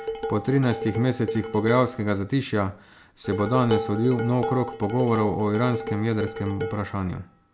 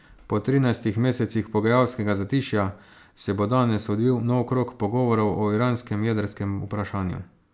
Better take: second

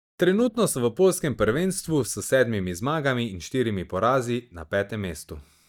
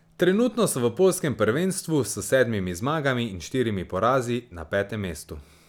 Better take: second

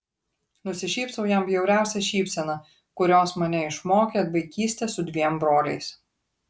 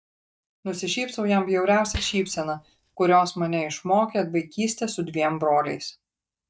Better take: first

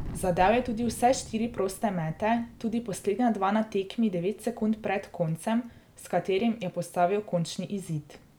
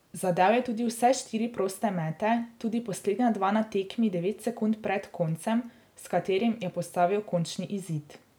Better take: second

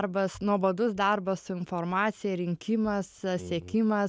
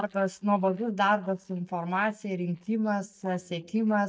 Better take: first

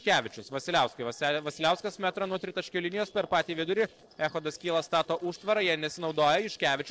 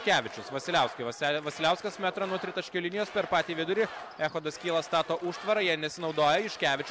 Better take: second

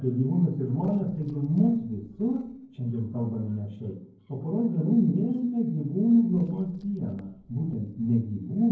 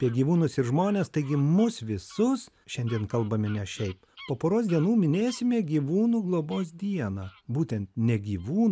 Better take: second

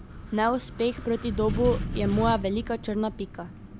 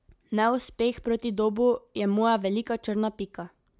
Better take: second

